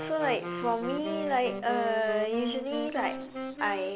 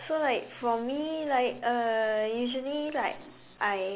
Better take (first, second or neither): second